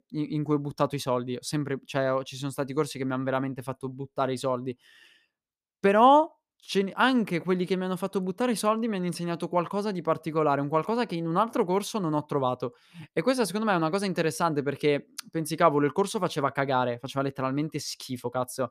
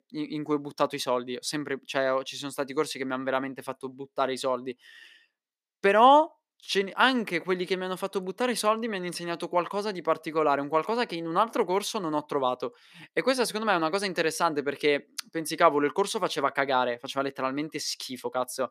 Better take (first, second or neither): first